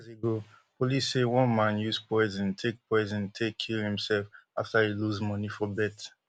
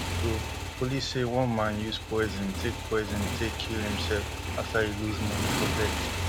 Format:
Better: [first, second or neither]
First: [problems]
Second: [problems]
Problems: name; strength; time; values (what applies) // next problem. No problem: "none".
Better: first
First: none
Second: background sound (Motorcycle); 1 dB below the speech